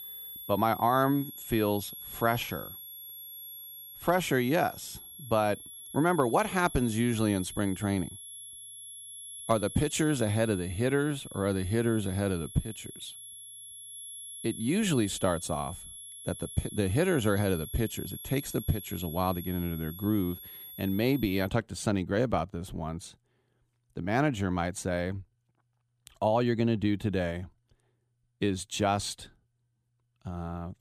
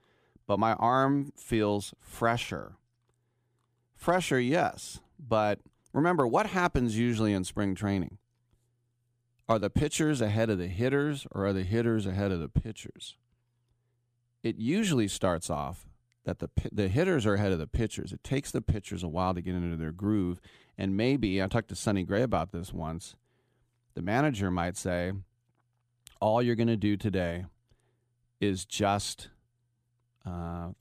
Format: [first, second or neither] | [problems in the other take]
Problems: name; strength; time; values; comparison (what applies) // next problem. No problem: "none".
second | high-pitched whine; noticeable; until 21 s; 11 kHz, 10 dB below the speech